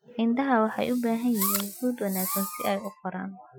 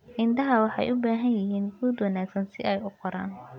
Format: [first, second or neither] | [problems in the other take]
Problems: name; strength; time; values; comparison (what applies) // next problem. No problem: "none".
second | noise reduction (classical method Wiener filter)